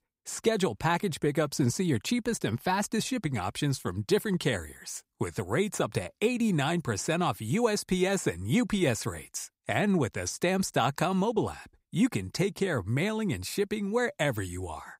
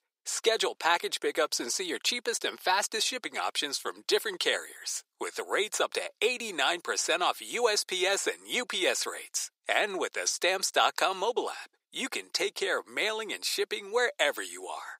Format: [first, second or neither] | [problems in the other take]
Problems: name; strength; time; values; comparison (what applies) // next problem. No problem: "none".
first | thin; very; fading below 400 Hz